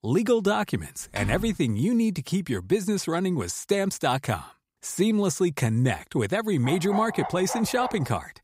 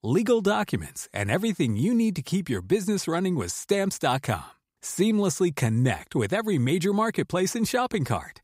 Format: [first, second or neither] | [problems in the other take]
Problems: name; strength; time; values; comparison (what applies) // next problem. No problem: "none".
second | keyboard typing; noticeable; at 1 s; peak 8 dB below the speech // dog barking; noticeable; from 6.5 s on; peak 7 dB below the speech